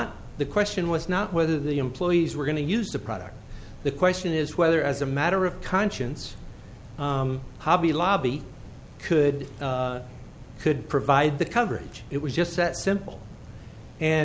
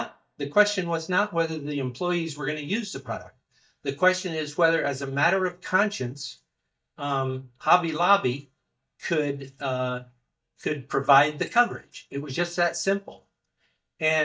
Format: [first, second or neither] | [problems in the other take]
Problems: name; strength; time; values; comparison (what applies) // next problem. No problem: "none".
first | noise reduction (neural mask model DeepFilterNet 3)